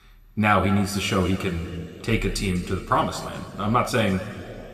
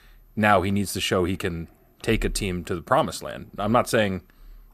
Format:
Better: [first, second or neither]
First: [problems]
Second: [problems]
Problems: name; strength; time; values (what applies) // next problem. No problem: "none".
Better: second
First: room echo; slight; dies away in 2 s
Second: none